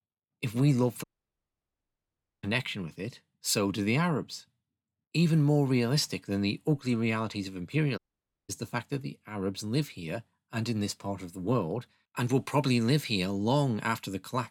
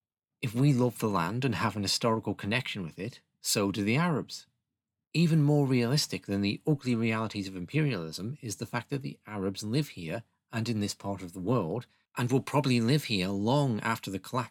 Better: second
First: audio cutting out; at 1 s for 1.5 s and at 8 s for 0.5 s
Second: none

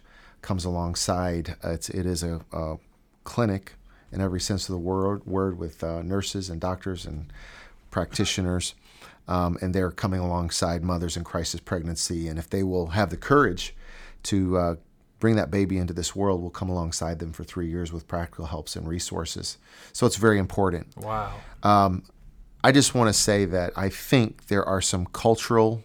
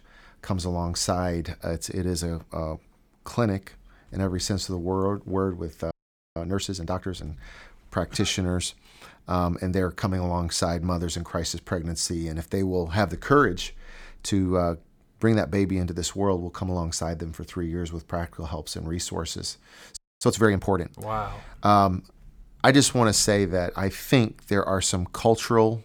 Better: first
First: none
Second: audio freezing; at 6 s and at 20 s

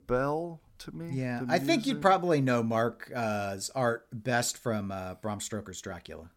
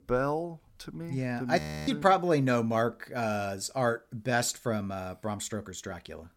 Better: first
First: none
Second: audio freezing; at 1.5 s

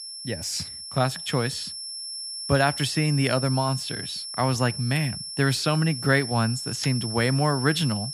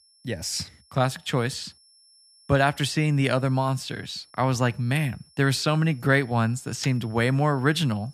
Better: second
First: high-pitched whine; loud; throughout; 5.5 kHz, 7 dB below the speech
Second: high-pitched whine; faint; throughout; 5.5 kHz, 30 dB below the speech

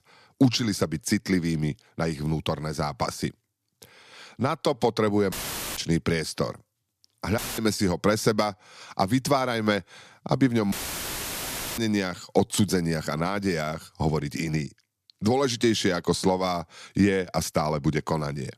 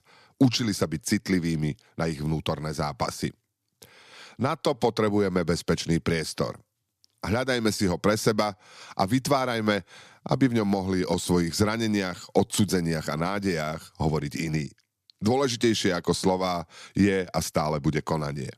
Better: second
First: audio cutting out; filled with static; at 5.5 s, at 7.5 s and at 11 s for 1 s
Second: none

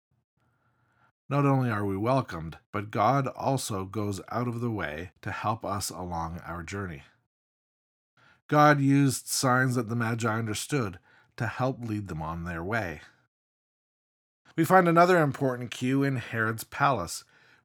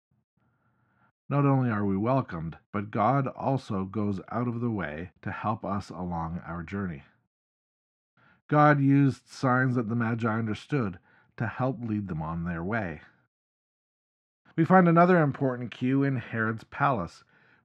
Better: first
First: none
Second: muffled; slightly; fading above 2.5 kHz

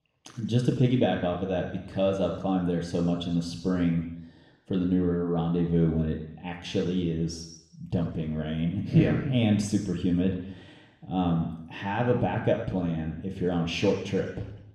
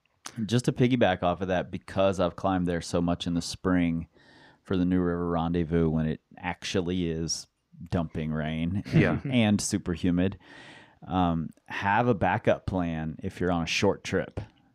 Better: second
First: room echo; noticeable; dies away in 0.8 s // off-mic speech; somewhat distant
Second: none

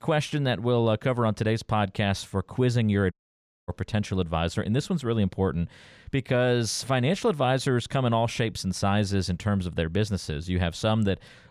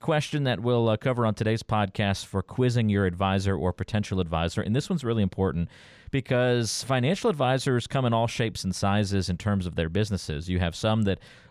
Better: second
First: audio cutting out; at 3 s for 0.5 s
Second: none

